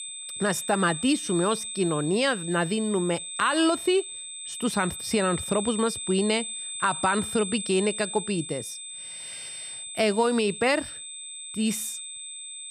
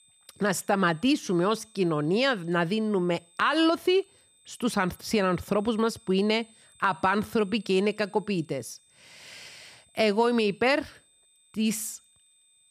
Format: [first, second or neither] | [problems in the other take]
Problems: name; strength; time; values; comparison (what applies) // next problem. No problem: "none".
second | high-pitched whine; loud; throughout; 8 kHz, 7 dB below the speech; faint in the second